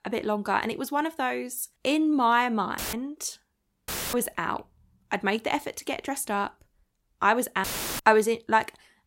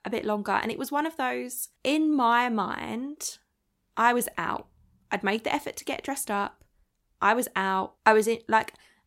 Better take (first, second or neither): second